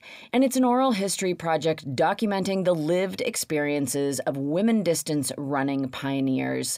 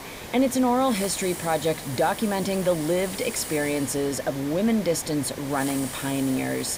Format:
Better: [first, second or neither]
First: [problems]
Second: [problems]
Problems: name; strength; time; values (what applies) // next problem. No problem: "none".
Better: first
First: none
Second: hiss; loud; throughout; 9 dB below the speech